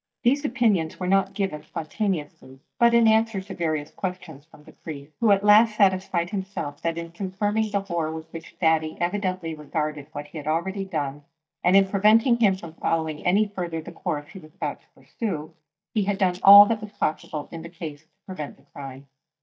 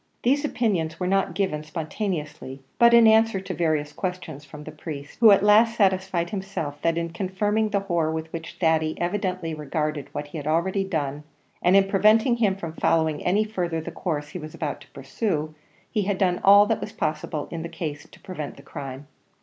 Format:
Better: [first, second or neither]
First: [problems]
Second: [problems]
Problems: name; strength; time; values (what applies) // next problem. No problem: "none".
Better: second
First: noise reduction (neural mask model DeepFilterNet 3)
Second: none